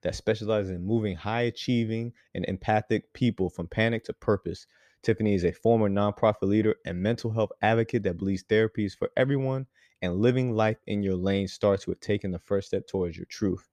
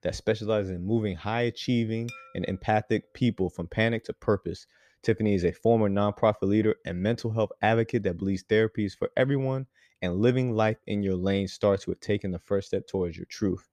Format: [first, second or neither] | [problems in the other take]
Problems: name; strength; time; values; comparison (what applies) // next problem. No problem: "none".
first | clattering dishes; faint; at 2 s; peak 15 dB below the speech